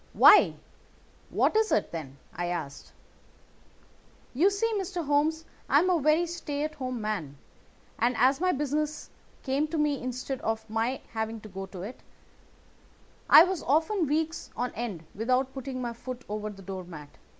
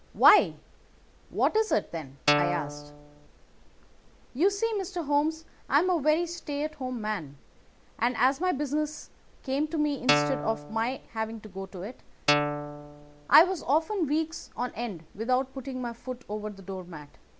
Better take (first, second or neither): first